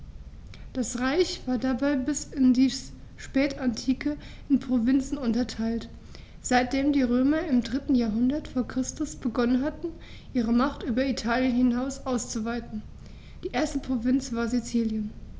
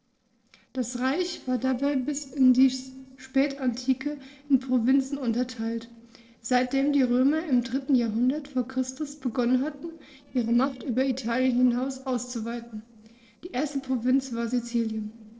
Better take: first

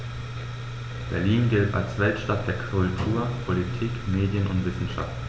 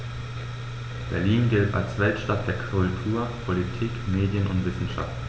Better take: second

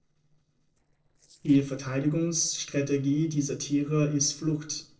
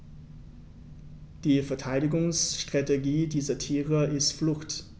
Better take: second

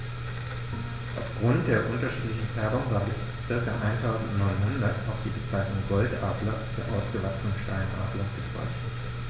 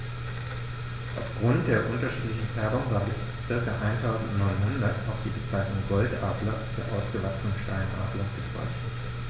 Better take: second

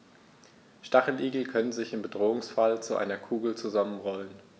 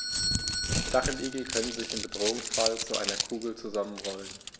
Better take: first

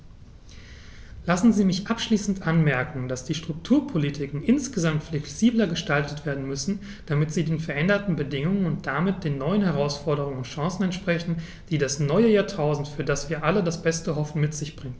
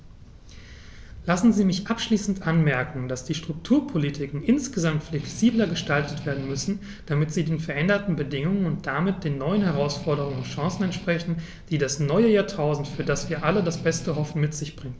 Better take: first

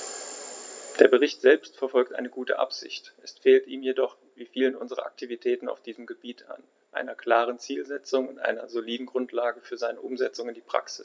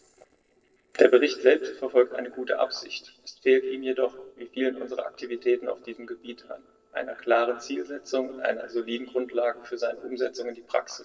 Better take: first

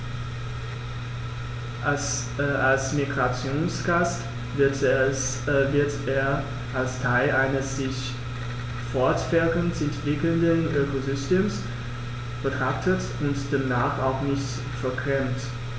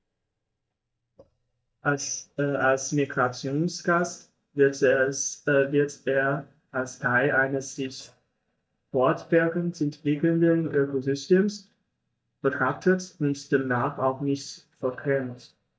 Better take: first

